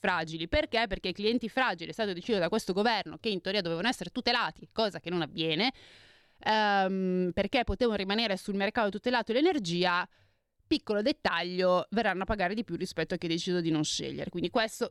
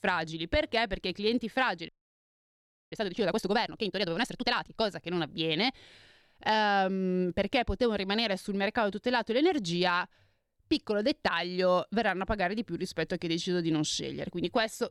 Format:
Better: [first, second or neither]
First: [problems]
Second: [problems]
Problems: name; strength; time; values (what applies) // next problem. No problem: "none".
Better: first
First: none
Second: audio freezing; at 2 s for 1 s